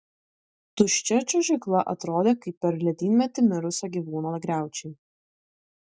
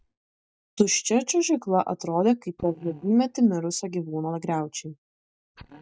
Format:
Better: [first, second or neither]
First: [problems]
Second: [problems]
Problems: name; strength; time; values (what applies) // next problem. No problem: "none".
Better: first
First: none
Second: noise reduction (neural mask model DeepFilterNet 3)